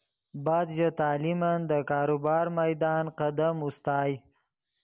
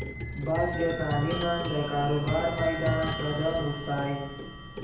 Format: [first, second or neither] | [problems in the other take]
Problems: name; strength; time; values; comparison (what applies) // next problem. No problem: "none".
first | background sound (Clock); 4 dB below the speech // room echo; dies away in 0.8 s